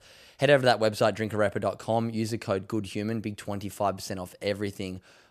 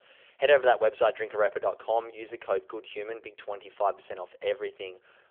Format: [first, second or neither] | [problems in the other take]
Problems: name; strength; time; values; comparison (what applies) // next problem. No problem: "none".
first | phone-call audio; nothing above 3 kHz